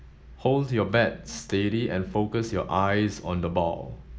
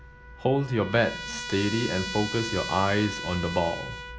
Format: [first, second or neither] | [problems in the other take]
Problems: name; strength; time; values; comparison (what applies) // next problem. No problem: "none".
first | background sound (Trumpet); 9 dB below the speech